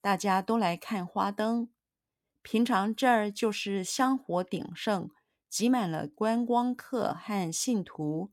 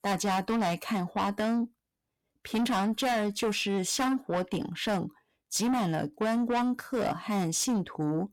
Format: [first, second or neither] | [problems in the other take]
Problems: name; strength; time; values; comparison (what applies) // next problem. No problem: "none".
first | distortion; heavy; 7 dB below the speech